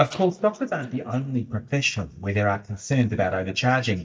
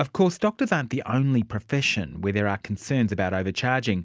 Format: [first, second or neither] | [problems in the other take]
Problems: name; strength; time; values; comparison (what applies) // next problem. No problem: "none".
second | noise reduction (neural mask model DeepFilterNet 3)